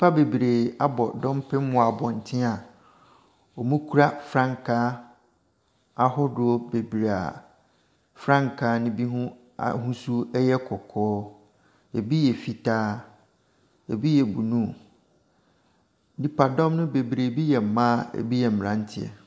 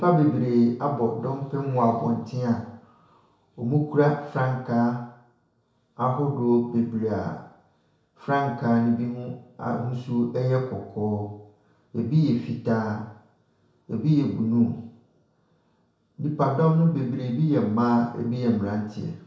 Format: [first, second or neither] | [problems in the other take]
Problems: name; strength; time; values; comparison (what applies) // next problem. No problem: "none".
first | room echo; dies away in 0.6 s